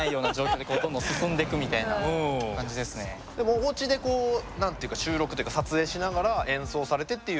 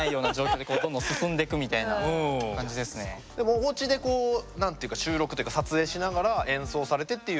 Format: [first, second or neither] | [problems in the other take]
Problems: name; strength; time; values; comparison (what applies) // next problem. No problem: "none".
second | background sound (Train); 14 dB below the speech